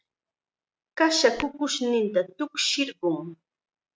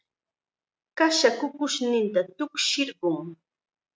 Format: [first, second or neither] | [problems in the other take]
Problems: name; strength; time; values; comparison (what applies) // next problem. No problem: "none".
second | background sound (Tap / Glass); 18 dB below the speech